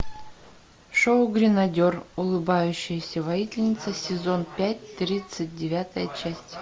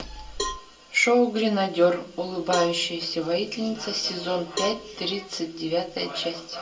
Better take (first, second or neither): first